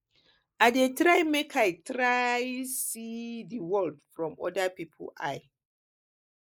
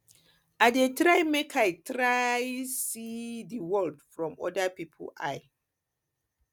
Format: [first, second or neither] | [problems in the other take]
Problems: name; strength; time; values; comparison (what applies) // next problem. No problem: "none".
second | noise reduction (neural mask model Resemble Enhance denoiser)